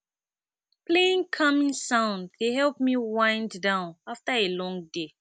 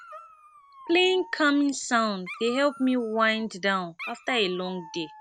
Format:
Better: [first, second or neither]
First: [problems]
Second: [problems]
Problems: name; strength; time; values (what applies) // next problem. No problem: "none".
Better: first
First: none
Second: background sound (Dog); 18 dB below the speech